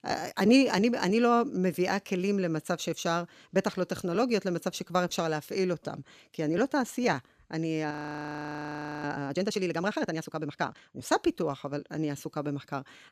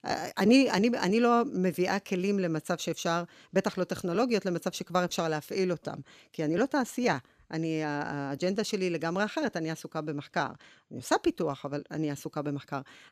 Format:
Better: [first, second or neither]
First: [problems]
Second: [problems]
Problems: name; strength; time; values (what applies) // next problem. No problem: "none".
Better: second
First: audio freezing; at 8 s for 1 s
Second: none